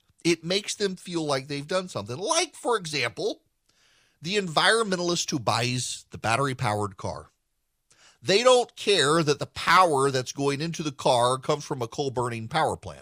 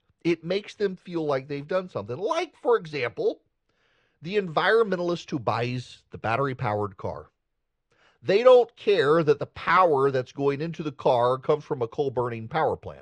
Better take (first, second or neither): first